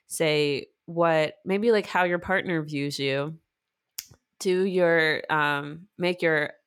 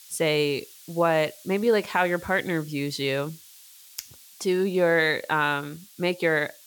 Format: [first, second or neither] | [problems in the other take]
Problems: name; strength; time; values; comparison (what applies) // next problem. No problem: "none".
first | hiss; faint; throughout; 20 dB below the speech